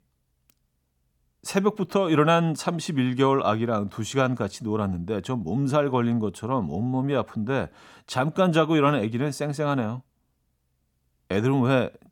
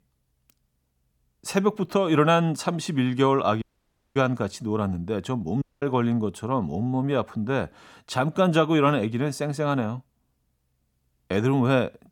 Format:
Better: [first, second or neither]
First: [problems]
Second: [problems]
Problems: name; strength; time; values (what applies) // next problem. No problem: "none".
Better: first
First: none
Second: audio cutting out; at 3.5 s for 0.5 s and at 5.5 s